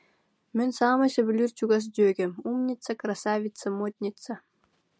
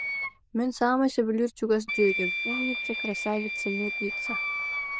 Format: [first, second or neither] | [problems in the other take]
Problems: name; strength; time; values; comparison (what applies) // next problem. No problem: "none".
first | noise reduction (neural diffusion model UNIVERSE++)